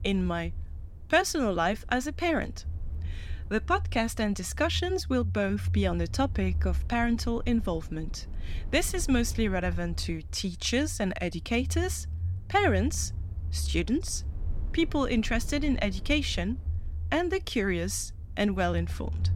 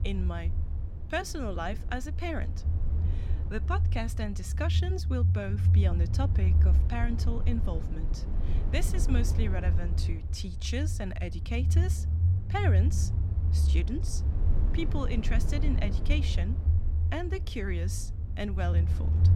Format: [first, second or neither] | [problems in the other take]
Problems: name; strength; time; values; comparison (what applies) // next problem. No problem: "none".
first | low rumble; loud; throughout; 7 dB below the speech; faint in the first